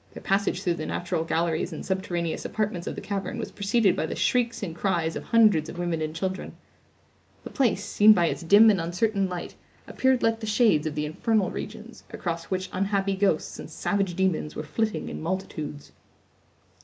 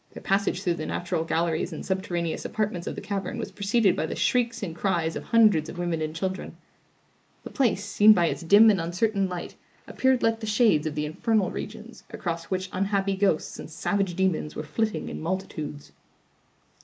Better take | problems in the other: first | noise reduction (neural mask model Resemble Enhance denoiser)

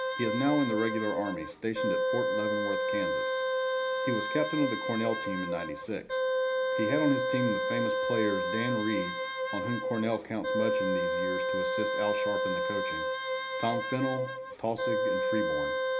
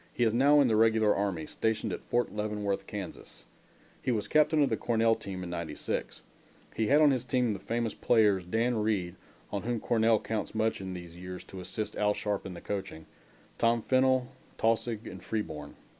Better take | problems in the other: second | background sound (Wind instrument, woodwind instrument); 2 dB above the speech // room echo; dies away in 0.4 s

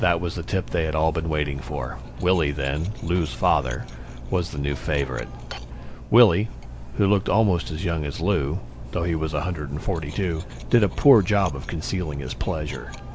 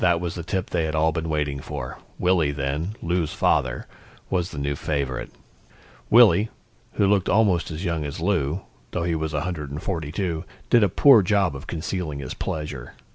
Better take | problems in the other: second | background sound (Cutlery, silverware); 11 dB below the speech

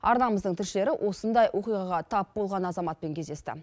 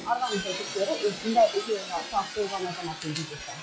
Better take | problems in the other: first | noise reduction (classical method log-MMSE)

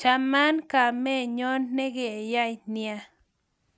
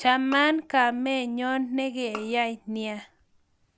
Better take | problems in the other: first | background sound (Bowed string instrument); 20 dB below the speech

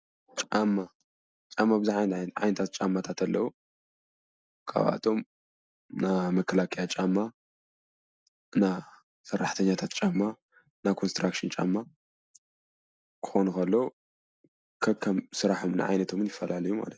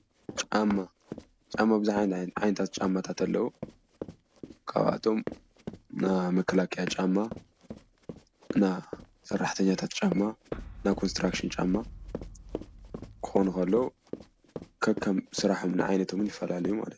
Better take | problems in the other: first | background sound (Run + Boom); 12 dB below the speech

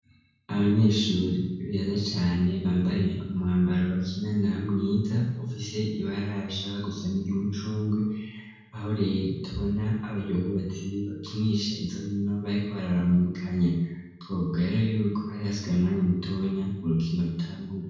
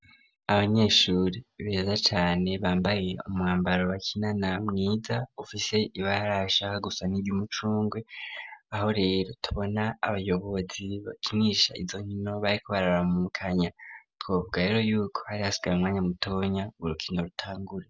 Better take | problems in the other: second | room echo; dies away in 1.1 s

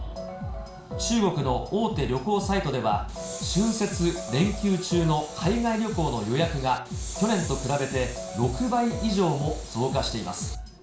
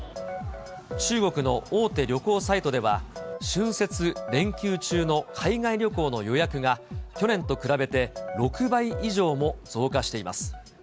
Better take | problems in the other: second | background sound (Train); 15 dB below the speech // room echo; dies away in 0.4 s

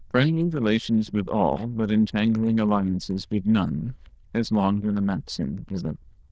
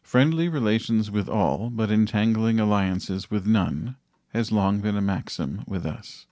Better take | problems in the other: second | noise reduction (neural diffusion model UNIVERSE++)

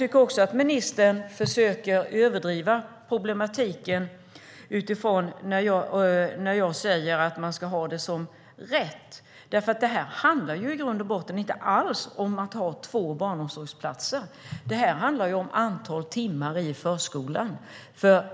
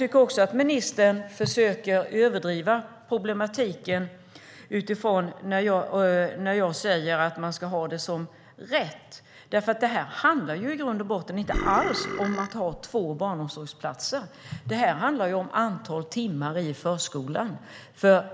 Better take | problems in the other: first | background sound (Burping, eructation); 6 dB below the speech

